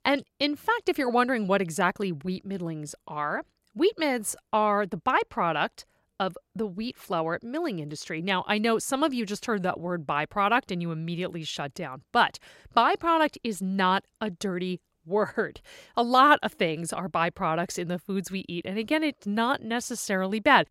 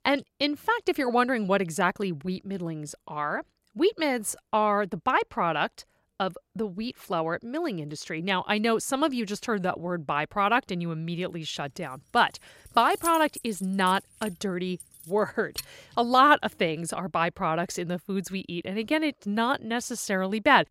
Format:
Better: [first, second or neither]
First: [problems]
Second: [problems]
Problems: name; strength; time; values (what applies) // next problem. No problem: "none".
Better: first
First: none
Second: jangling keys; noticeable; from 13 to 16 s; peak 8 dB below the speech